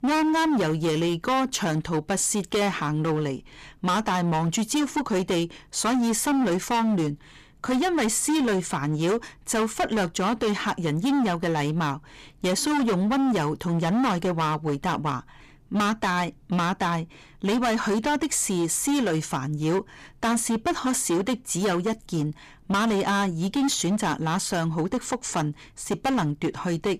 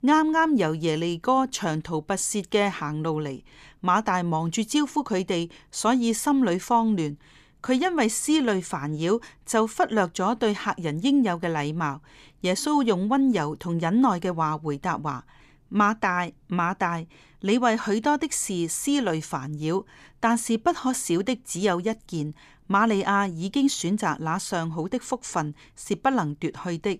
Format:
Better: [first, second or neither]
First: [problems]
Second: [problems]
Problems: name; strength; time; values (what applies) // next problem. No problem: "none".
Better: second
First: distortion; heavy; 21% of the sound clipped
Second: none